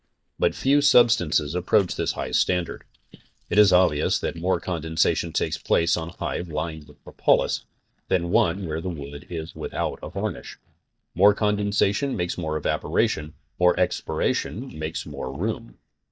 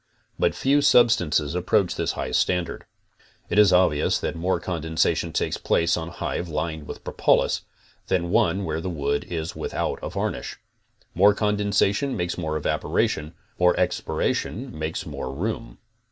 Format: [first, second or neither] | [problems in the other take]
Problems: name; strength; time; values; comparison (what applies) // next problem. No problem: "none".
second | noise reduction (neural mask model DeepFilterNet 3)